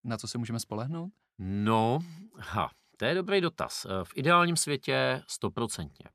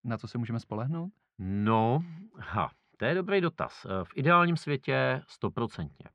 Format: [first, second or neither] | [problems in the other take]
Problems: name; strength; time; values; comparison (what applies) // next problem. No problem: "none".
first | muffled; slightly; fading above 2 kHz